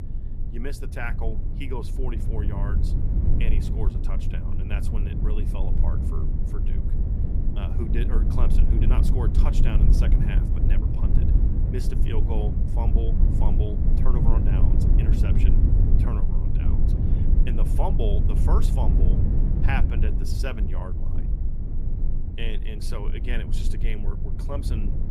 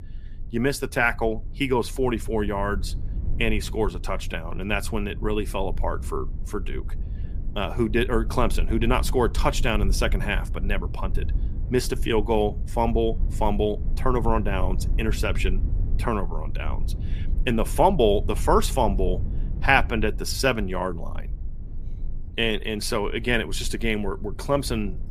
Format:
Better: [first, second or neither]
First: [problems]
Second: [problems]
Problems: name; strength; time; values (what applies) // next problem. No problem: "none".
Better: second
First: low rumble; loud; throughout; 2 dB below the speech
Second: low rumble; faint; throughout; 20 dB below the speech